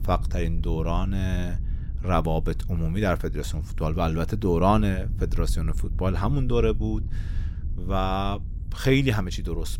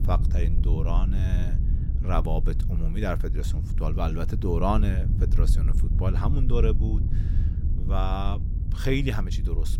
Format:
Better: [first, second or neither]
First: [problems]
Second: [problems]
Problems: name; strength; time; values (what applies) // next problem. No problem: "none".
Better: first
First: wind noise on the microphone; occasional gusts; 20 dB below the speech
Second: wind noise on the microphone; heavy; 10 dB below the speech